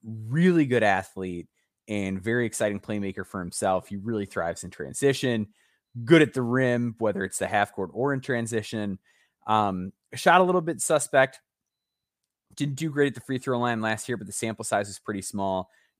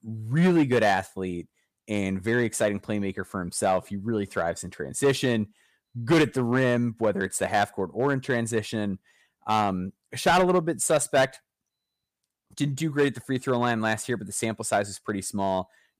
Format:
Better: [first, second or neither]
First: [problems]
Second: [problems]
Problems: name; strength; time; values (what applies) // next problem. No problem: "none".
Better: first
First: none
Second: distortion; slight; 3% of the sound clipped